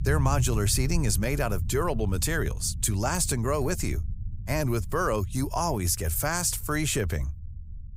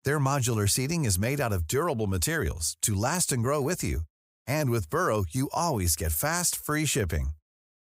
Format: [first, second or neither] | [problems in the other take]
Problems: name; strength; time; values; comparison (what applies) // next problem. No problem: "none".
second | low rumble; faint; throughout; 20 dB below the speech